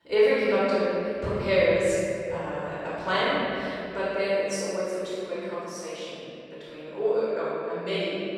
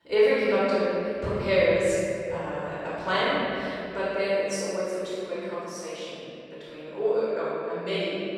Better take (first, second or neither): neither